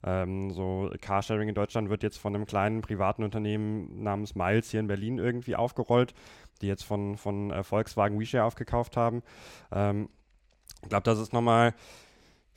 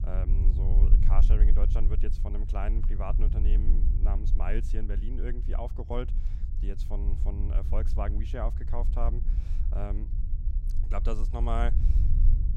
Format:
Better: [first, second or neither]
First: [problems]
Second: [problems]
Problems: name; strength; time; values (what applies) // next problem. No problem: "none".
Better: first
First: none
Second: low rumble; loud; throughout; 9 dB below the speech